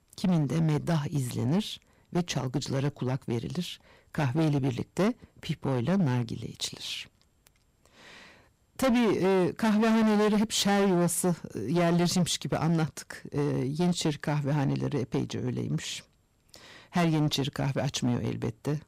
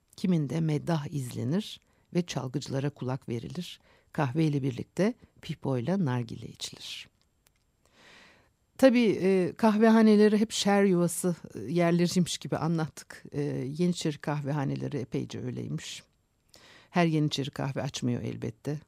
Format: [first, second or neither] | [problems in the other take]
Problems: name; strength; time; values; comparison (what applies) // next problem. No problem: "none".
second | distortion; heavy; 12% of the sound clipped